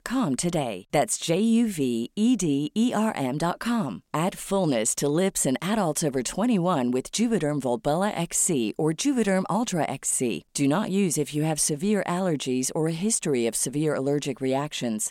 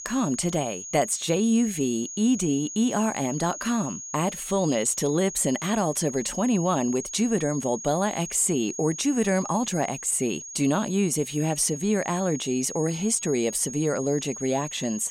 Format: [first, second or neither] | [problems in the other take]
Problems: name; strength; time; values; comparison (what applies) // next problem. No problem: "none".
first | high-pitched whine; loud; throughout; 6.5 kHz, 10 dB below the speech